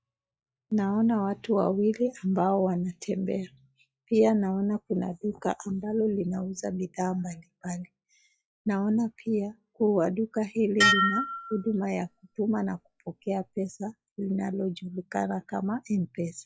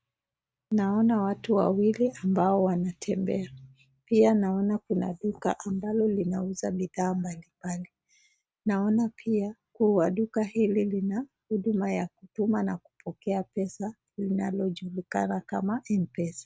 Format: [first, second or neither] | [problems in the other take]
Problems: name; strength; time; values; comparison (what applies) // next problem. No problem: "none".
second | noise reduction (classical method log-MMSE)